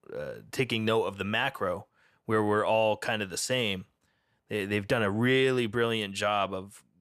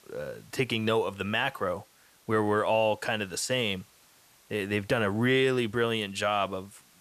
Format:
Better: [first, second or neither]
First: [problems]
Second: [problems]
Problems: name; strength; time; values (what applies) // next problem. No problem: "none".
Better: first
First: none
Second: hiss; faint; throughout; 30 dB below the speech